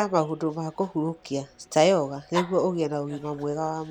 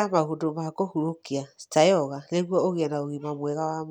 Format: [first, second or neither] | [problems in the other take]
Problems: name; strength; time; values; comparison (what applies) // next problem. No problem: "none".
second | background sound (Dog); 16 dB below the speech